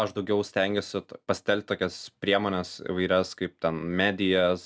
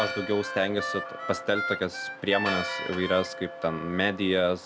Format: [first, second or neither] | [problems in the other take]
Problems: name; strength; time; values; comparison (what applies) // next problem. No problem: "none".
first | background sound (Harmonica + Church bell); 6 dB below the speech